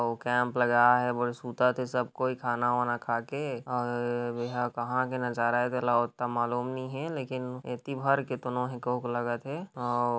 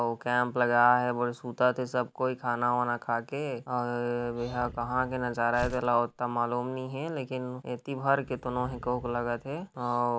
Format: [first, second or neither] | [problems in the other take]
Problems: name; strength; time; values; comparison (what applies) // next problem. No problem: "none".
first | background sound (Animal + Tearing); 17 dB below the speech